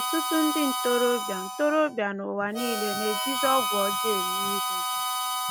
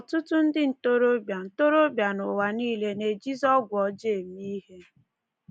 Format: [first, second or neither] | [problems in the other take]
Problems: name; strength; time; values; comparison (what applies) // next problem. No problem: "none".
second | background sound (Harmonica); 1 dB below the speech